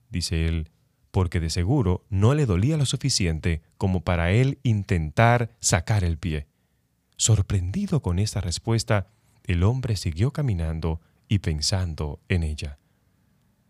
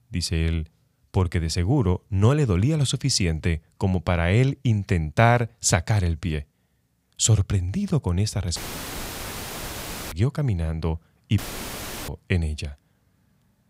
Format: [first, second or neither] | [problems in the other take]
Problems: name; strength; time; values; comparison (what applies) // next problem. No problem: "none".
first | audio cutting out; filled with static; at 8.5 s for 1.5 s and at 11 s for 0.5 s